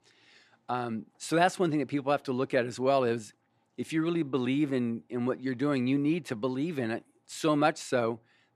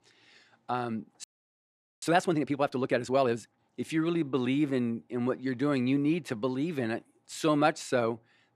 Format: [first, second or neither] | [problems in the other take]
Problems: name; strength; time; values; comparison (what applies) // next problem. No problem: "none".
first | audio freezing; at 1 s for 1 s